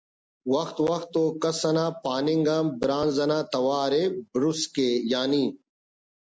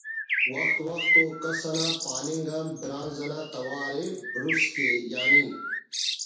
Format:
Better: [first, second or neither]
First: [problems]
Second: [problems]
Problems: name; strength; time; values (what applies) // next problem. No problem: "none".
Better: first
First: none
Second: background sound (Bird); 5 dB above the speech // room echo; dies away in 0.6 s